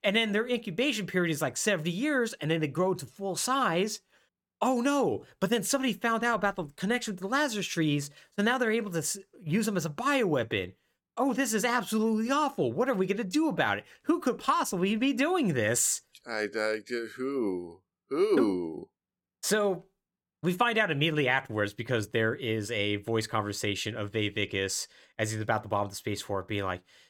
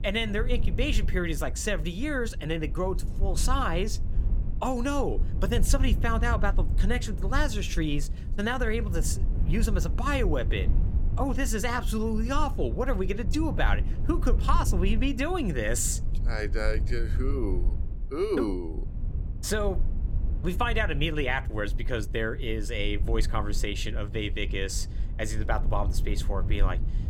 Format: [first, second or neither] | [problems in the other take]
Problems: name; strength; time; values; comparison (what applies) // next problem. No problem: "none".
first | low rumble; noticeable; throughout; 15 dB below the speech